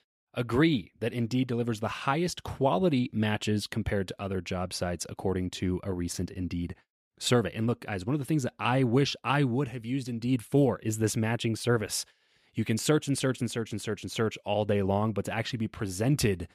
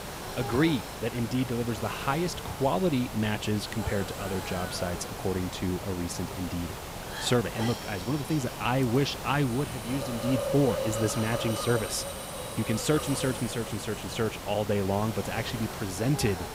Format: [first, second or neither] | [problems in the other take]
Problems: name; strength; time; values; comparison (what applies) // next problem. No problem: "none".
first | hiss; loud; throughout; 6 dB below the speech